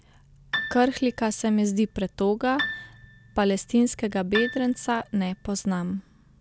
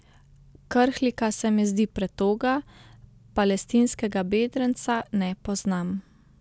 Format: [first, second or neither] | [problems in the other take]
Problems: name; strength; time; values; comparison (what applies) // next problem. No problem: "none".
second | background sound (Piano); 11 dB below the speech